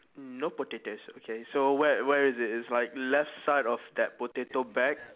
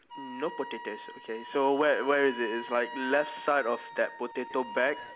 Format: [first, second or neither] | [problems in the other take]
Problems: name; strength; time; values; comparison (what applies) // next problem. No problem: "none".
first | background sound (Wind instrument, woodwind instrument); 13 dB below the speech